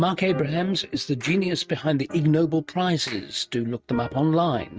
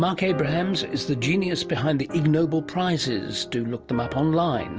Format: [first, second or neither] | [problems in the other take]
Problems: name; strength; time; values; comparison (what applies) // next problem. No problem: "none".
second | noise reduction (neural mask model RNNoise)